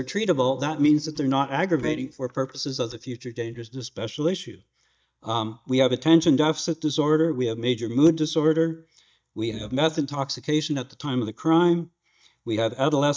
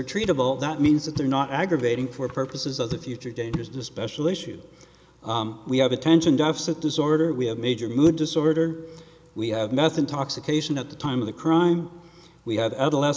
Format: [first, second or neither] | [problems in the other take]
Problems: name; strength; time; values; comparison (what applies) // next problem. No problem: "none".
second | noise reduction (neural mask model DeepFilterNet 3)